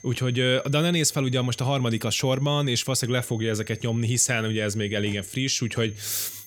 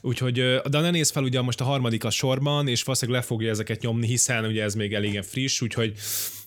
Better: second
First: high-pitched whine; faint; throughout; 6.5 kHz, 25 dB below the speech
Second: none

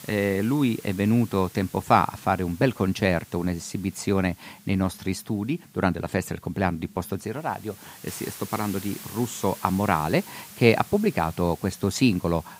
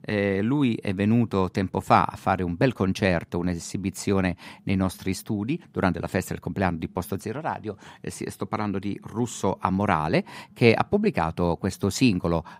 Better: second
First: hiss; noticeable; throughout; 20 dB below the speech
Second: none

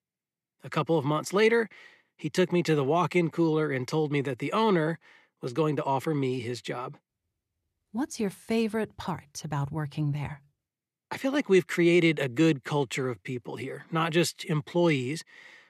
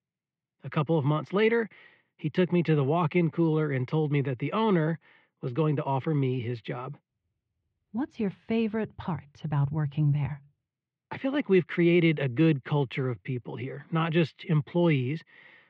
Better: first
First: none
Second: muffled; very; fading above 3 kHz

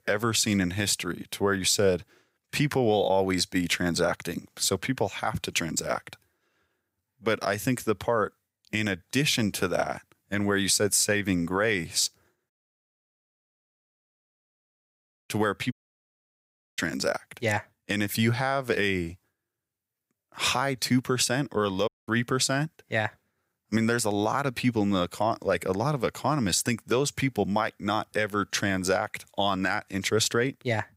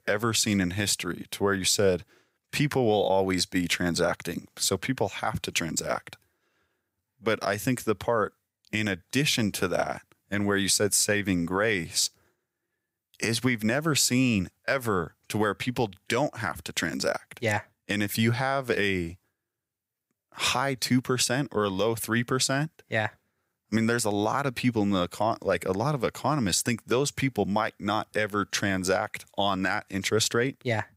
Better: second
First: audio cutting out; at 13 s for 3 s, at 16 s for 1 s and at 22 s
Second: none

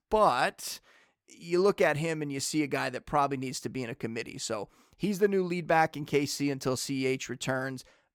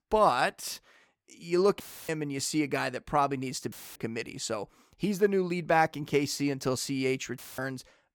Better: first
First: none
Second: audio cutting out; filled with static; at 2 s, at 3.5 s and at 7.5 s

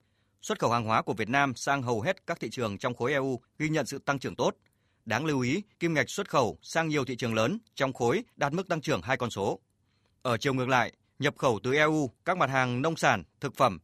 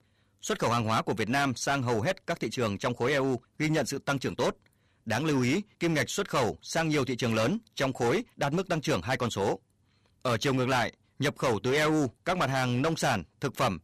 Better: first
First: none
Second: distortion; heavy; 13% of the sound clipped

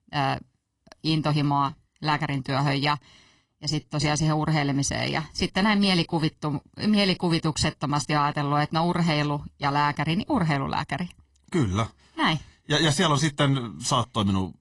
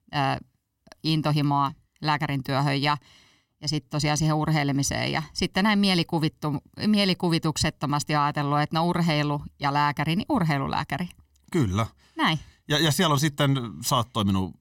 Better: second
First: garbled, watery; slightly; nothing above 11 kHz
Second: none

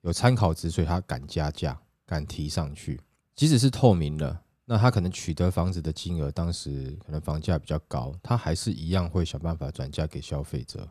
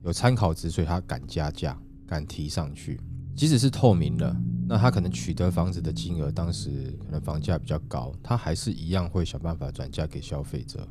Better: first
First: none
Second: low rumble; noticeable; throughout; 15 dB below the speech

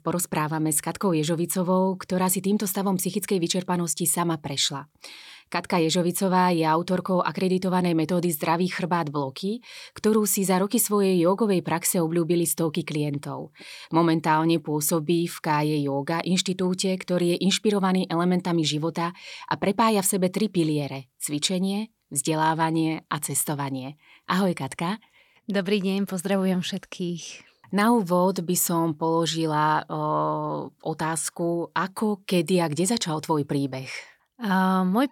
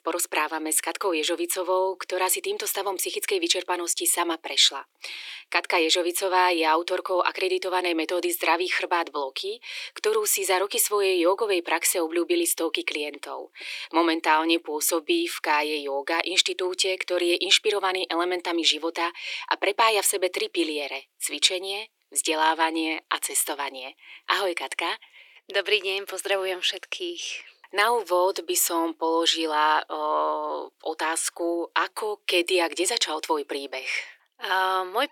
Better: first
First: none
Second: thin; very; fading below 350 Hz

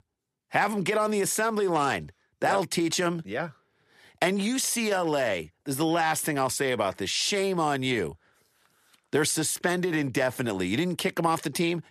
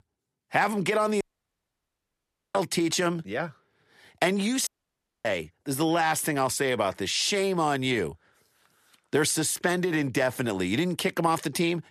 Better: first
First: none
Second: audio cutting out; at 1 s for 1.5 s and at 4.5 s for 0.5 s

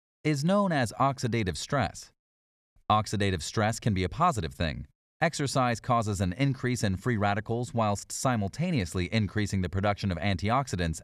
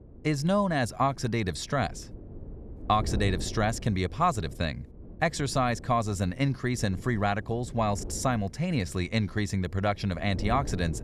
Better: first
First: none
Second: wind noise on the microphone; occasional gusts; 20 dB below the speech

